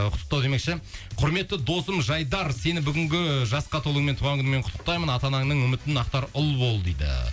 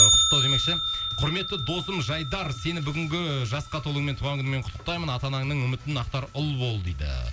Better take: first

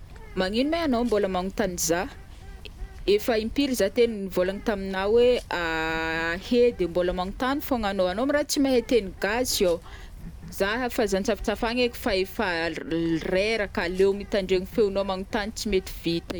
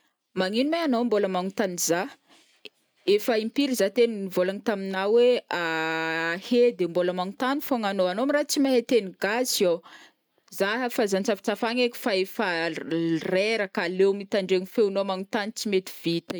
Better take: second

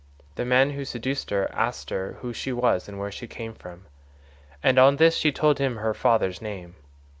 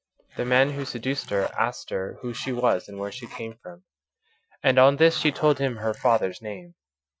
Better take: first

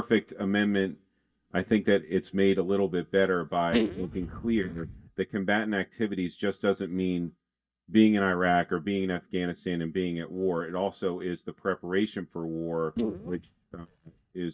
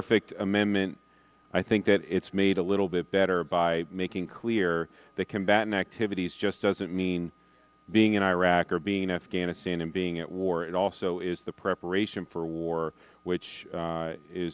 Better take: second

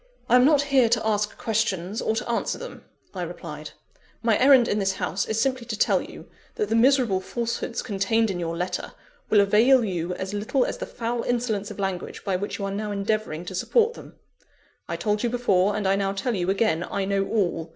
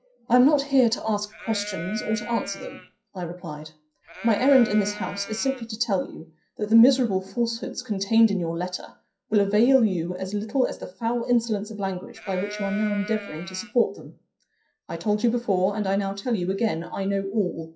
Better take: first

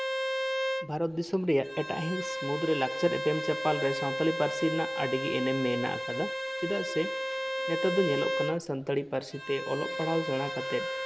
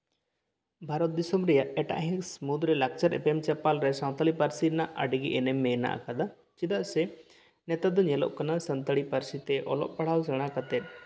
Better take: second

